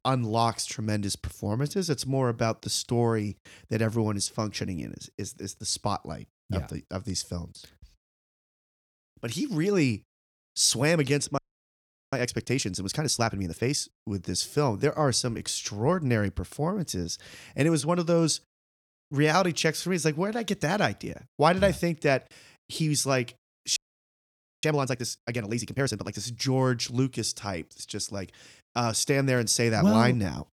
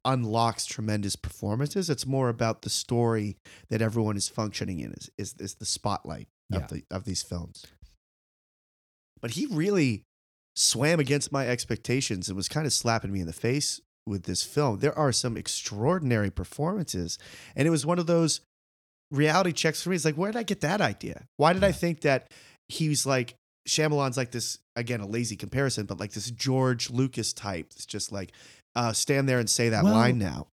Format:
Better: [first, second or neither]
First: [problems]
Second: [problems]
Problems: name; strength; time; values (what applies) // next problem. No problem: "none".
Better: second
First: audio freezing; at 11 s for 0.5 s and at 24 s for 1 s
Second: none